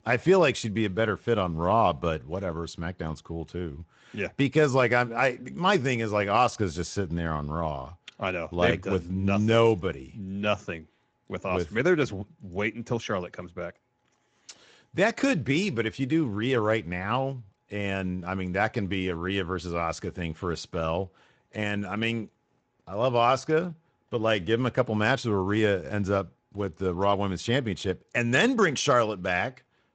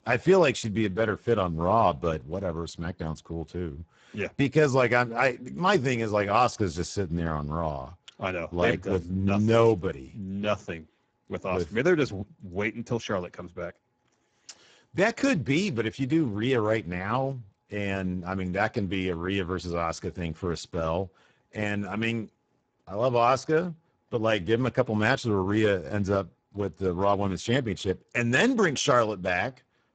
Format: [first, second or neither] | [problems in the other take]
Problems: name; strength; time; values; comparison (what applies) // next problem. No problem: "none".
first | garbled, watery; badly; nothing above 7.5 kHz; slightly in the first